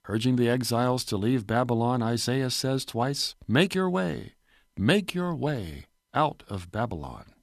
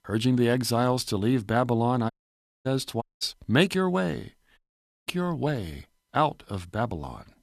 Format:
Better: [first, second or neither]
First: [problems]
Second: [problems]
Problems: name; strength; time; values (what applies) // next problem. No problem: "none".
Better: first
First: none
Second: audio cutting out; at 2 s for 0.5 s, at 3 s and at 4.5 s